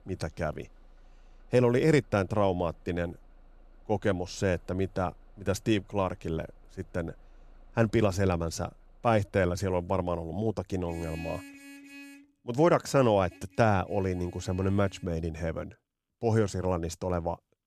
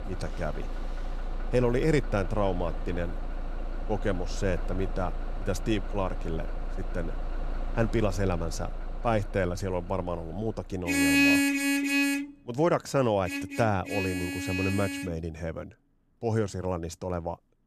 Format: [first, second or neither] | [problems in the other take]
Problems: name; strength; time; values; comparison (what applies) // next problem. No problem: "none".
first | traffic noise; loud; throughout; 1 dB below the speech; faint in the first